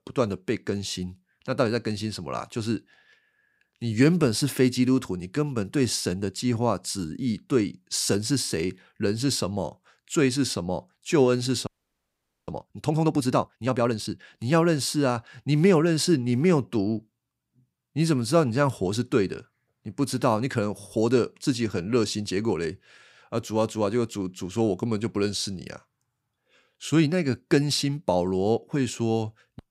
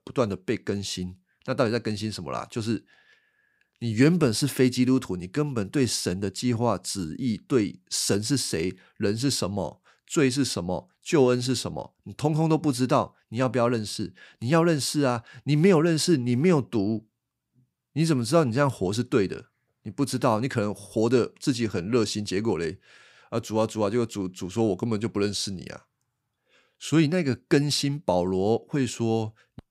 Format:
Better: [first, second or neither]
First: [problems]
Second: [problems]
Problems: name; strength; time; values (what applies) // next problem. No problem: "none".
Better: second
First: audio freezing; at 12 s for 1 s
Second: none